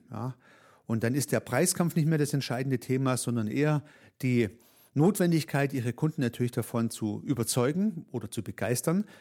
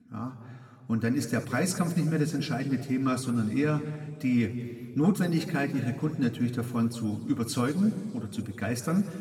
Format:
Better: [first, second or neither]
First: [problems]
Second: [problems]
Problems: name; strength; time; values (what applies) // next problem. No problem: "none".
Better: first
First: none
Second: room echo; slight; dies away in 2.1 s // off-mic speech; somewhat distant